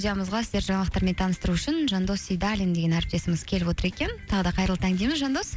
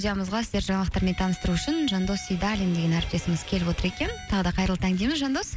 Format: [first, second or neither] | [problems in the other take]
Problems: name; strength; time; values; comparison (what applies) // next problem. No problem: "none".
first | background sound (Bowed string instrument); 17 dB below the speech